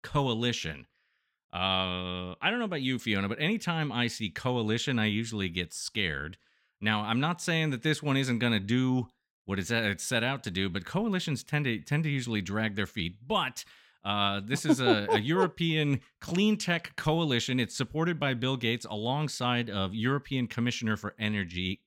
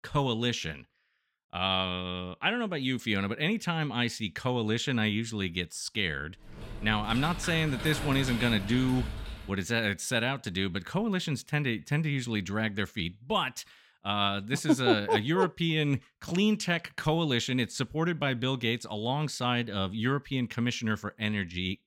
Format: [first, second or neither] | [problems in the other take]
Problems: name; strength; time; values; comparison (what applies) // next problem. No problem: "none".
first | keyboard typing; noticeable; from 6.5 to 9.5 s; peak 6 dB below the speech